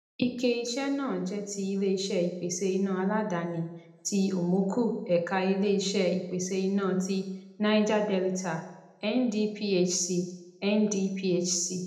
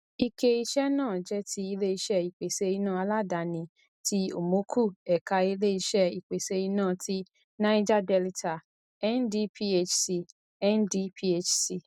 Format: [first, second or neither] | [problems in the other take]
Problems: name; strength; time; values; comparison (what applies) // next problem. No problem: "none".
second | room echo; dies away in 0.8 s